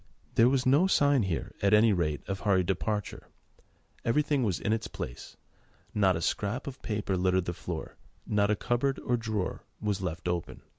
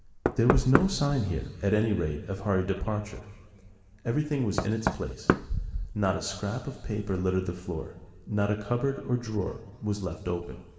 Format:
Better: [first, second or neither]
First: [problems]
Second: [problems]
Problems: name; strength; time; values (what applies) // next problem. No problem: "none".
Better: first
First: none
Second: background sound (Knock); 5 dB below the speech // room echo; dies away in 2.1 s